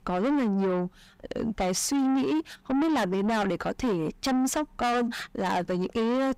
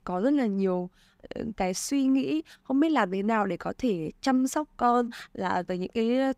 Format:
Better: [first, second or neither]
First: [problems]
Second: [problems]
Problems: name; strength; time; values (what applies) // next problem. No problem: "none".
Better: second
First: distortion; heavy; 7 dB below the speech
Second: none